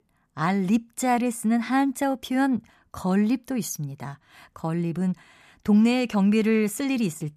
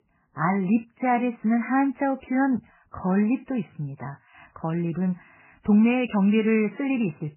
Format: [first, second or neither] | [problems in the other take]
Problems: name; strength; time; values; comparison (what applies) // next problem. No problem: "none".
first | garbled, watery; badly; nothing above 3 kHz